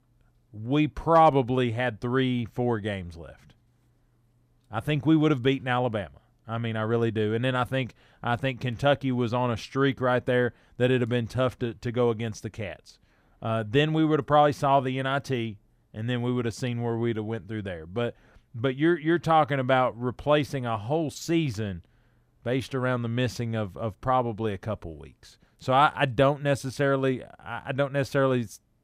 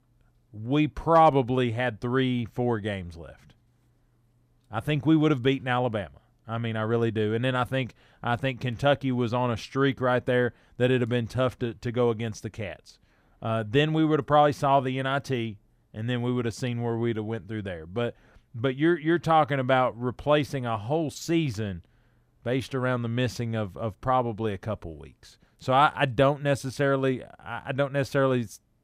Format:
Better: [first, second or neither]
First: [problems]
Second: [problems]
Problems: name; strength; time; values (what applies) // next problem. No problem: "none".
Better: neither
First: none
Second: none